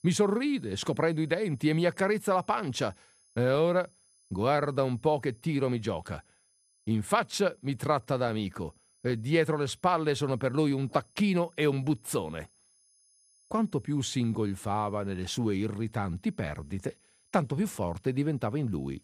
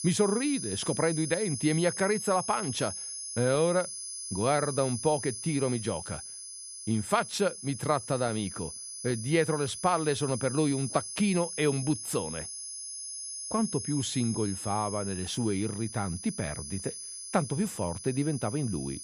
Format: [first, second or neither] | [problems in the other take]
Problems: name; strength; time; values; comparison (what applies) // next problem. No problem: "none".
first | high-pitched whine; loud; throughout; 10 kHz, 7 dB below the speech; faint in the first